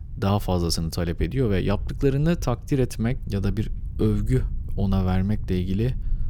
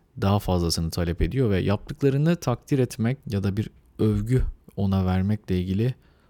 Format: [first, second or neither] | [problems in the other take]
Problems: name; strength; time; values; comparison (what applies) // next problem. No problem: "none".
second | low rumble; faint; throughout; 25 dB below the speech